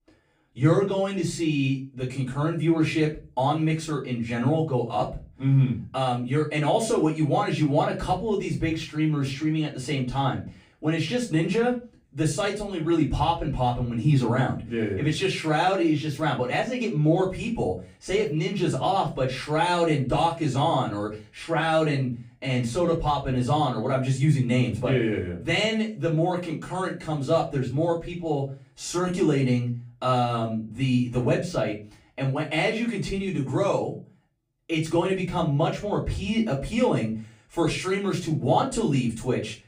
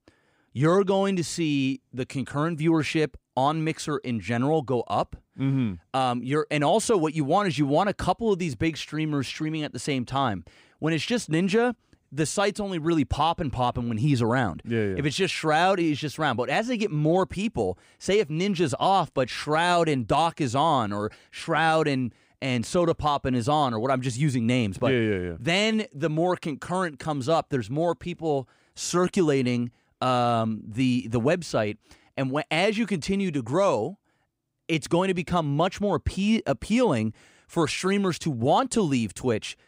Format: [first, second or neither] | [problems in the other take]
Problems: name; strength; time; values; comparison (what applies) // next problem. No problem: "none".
second | off-mic speech; far // room echo; slight; dies away in 0.3 s